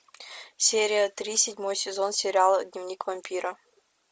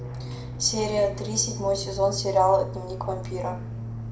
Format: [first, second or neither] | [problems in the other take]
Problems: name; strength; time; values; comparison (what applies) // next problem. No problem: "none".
first | background sound (Fixed-wing aircraft, airplane); 8 dB below the speech // room echo; dies away in 0.5 s